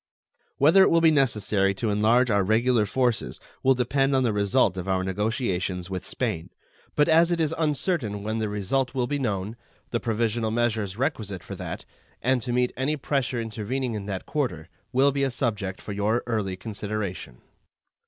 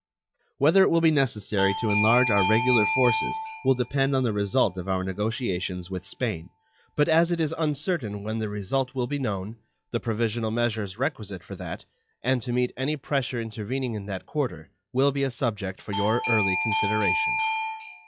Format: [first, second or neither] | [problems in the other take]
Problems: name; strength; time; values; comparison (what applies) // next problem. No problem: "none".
first | noise reduction (classical method log-MMSE)